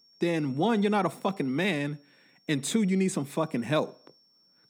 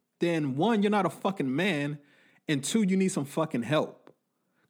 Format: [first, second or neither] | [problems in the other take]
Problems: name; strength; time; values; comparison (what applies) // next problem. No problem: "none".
second | high-pitched whine; faint; throughout; 5.5 kHz, 30 dB below the speech